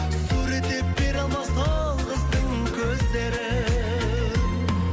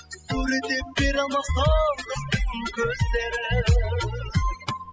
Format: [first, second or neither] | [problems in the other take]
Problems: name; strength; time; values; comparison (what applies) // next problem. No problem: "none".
first | noise reduction (classical method spectral subtraction)